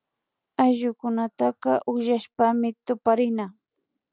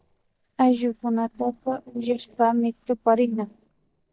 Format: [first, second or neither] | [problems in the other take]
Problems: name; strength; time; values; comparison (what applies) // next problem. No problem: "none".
first | noise reduction (neural mask model DeepFilterNet 3)